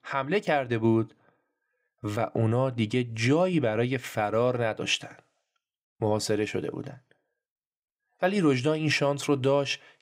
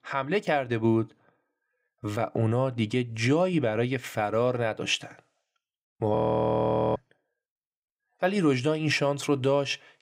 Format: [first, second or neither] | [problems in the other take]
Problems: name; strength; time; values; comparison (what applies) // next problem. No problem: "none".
first | audio freezing; at 6 s for 1 s